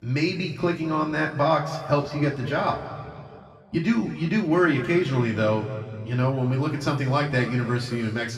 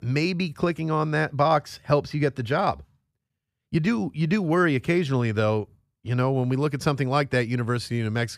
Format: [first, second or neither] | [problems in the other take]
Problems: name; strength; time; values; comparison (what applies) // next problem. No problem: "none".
second | room echo; noticeable; dies away in 2.1 s // off-mic speech; far